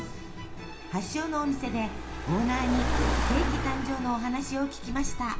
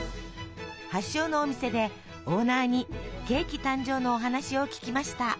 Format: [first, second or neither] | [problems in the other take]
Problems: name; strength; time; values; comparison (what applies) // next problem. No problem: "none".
second | background sound (Car); 1 dB below the speech // room echo; dies away in 0.4 s